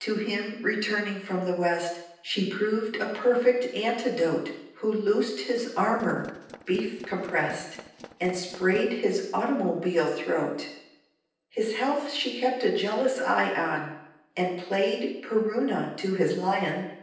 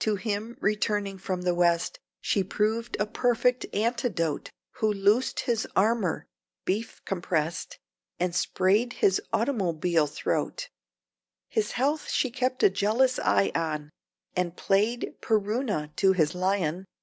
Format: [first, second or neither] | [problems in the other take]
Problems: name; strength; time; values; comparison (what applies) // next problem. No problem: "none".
second | noise reduction (neural separator model SepFormer DNS4)